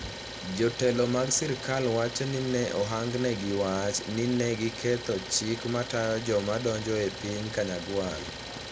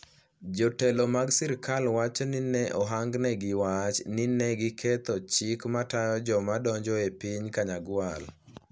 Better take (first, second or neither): second